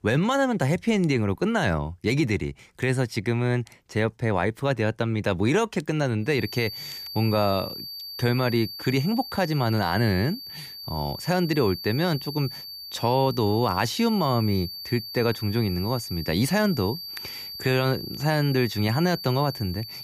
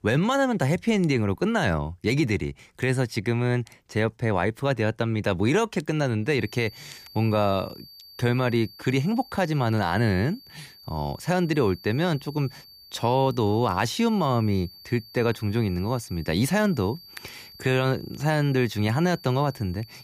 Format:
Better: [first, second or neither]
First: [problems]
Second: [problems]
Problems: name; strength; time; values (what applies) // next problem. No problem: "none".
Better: second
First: high-pitched whine; loud; from 6.5 s on; 4.5 kHz, 10 dB below the speech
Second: high-pitched whine; faint; from 6.5 s on; 4.5 kHz, 20 dB below the speech